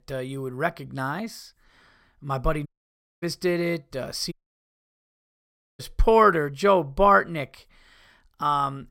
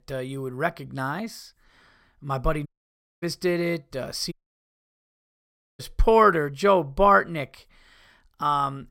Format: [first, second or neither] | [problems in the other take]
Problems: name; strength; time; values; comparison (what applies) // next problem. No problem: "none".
neither | audio cutting out; at 2.5 s for 0.5 s and at 4.5 s for 1.5 s; the same in both